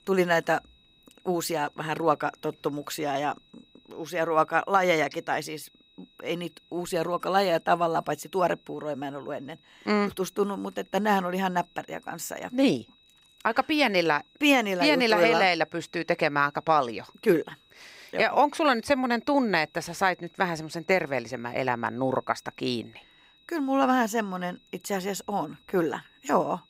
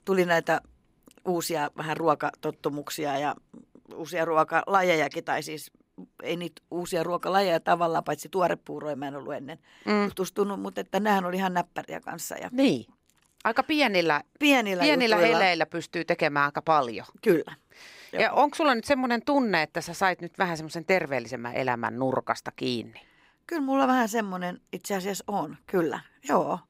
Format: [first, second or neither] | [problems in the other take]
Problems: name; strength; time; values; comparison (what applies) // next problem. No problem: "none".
second | high-pitched whine; faint; throughout; 4 kHz, 30 dB below the speech